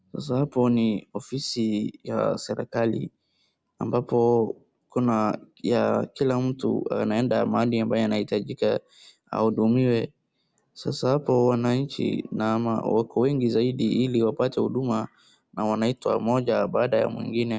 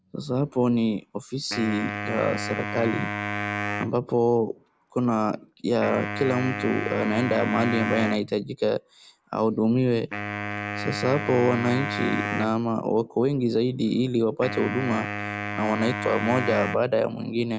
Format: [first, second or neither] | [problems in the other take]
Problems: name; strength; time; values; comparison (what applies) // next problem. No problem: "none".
first | background sound (Wind instrument, woodwind instrument); 7 dB below the speech